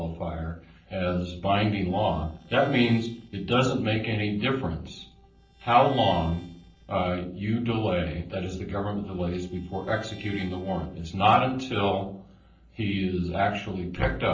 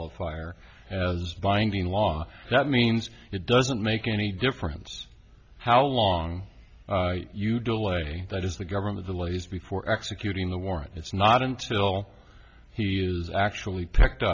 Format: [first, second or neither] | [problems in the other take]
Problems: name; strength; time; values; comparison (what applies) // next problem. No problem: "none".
second | noise reduction (neural separator model SepFormer DNS4)